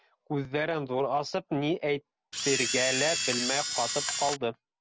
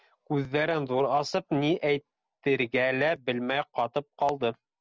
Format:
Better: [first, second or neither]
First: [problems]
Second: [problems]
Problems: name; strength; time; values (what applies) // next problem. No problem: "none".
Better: second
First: background sound (Camera); as loud as the speech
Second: none